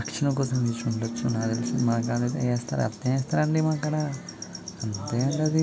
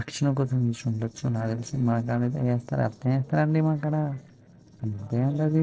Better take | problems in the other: first | noise reduction (neural separator model SepFormer DNS4)

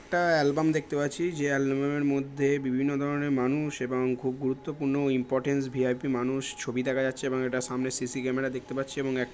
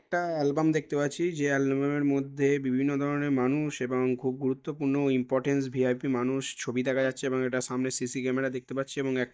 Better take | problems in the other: first | noise reduction (neural mask model DeepFilterNet 3)

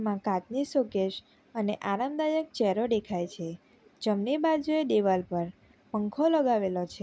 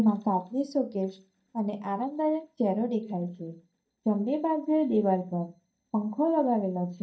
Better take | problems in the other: first | noise reduction (neural mask model DeepFilterNet 3)

